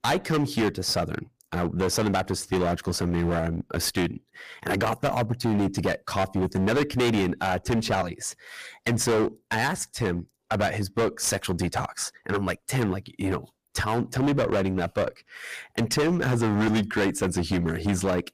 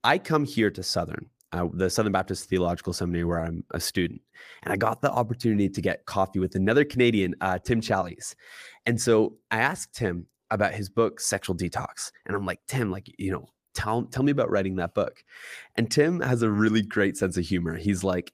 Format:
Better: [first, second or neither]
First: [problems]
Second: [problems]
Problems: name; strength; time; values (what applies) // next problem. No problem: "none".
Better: second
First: distortion; heavy; 17% of the sound clipped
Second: none